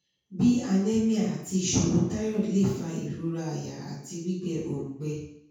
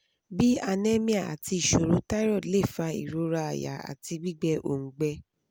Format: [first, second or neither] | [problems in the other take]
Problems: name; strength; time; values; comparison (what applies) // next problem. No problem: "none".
second | room echo; dies away in 0.6 s